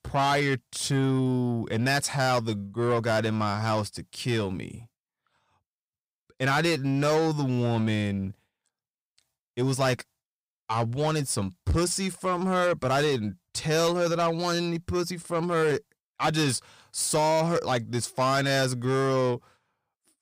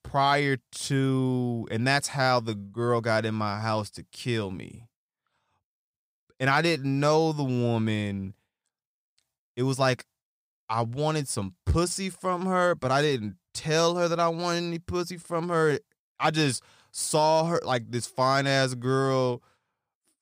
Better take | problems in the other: second | distortion; slight; 10 dB below the speech

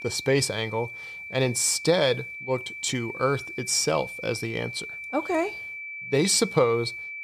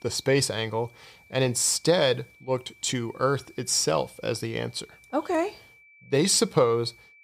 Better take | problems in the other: second | high-pitched whine; loud; throughout; 2.5 kHz, 10 dB below the speech; faint in the second

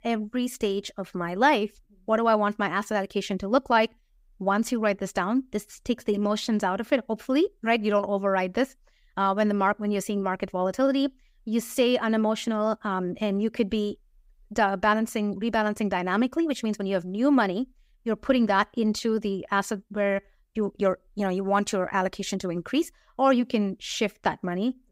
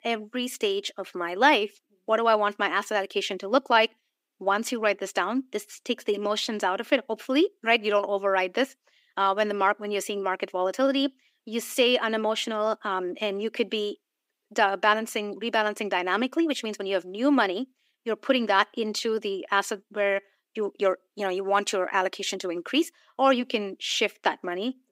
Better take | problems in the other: first | thin; very slightly; fading below 300 Hz

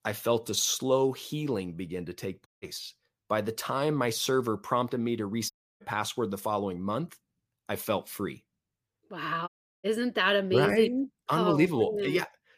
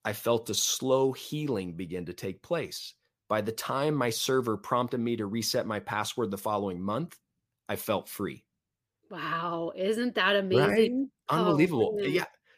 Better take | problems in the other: second | audio cutting out; at 2.5 s, at 5.5 s and at 9.5 s

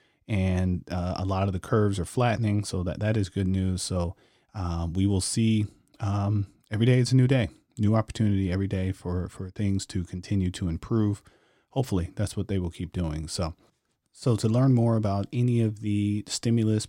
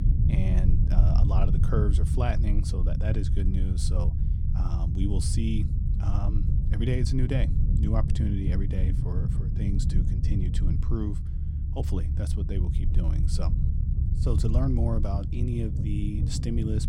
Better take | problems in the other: first | low rumble; loud; throughout; 4 dB below the speech

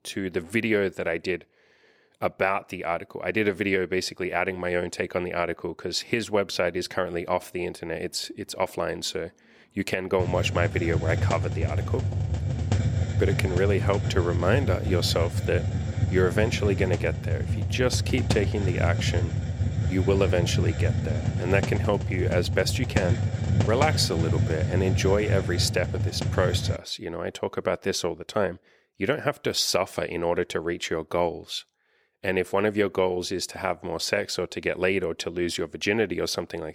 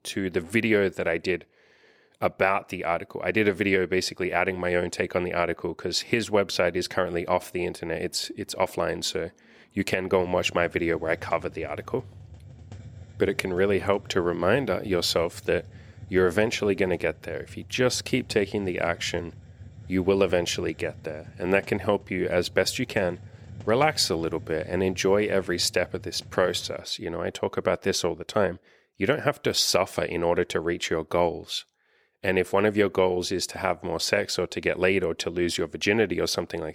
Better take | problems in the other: second | hiss; loud; from 10 to 27 s; as loud as the speech; faint in the second

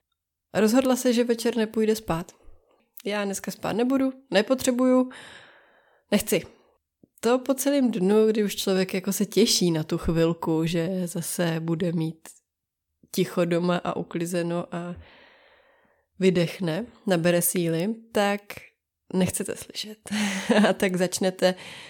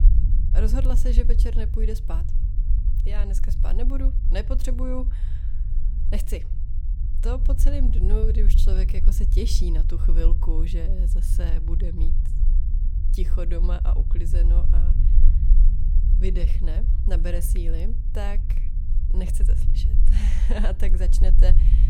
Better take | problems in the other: first | low rumble; loud; throughout; 8 dB below the speech

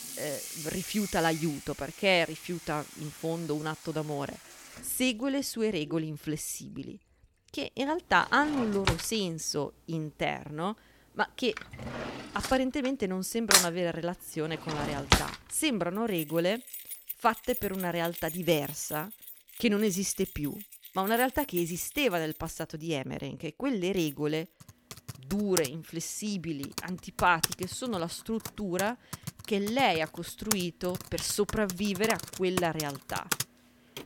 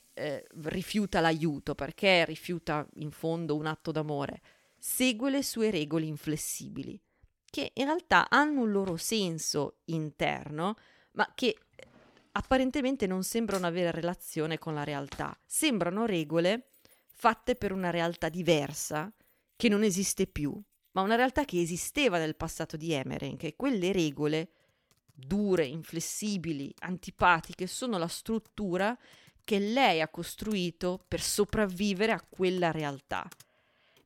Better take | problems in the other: second | household noises; loud; throughout; 4 dB below the speech; faint in the second

